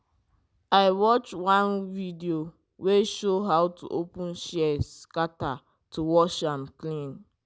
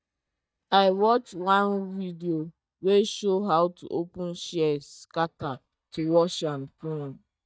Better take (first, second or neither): first